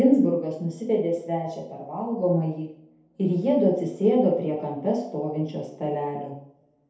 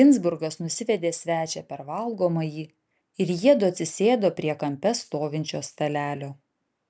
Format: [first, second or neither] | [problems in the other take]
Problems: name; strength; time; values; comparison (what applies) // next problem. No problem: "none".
second | room echo; dies away in 0.8 s